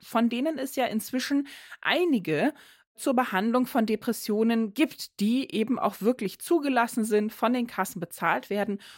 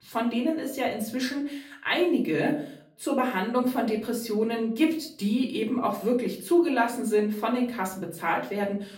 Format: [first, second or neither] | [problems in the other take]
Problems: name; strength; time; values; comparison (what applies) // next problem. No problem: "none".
first | room echo; slight; dies away in 0.5 s // off-mic speech; far